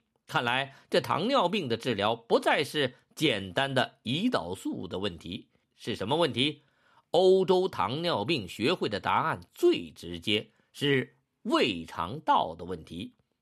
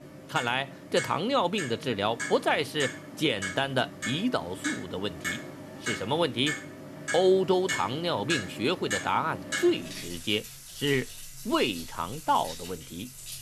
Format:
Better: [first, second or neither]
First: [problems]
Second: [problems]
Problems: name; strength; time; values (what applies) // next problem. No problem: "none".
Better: first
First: none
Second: household noises; loud; throughout; 8 dB below the speech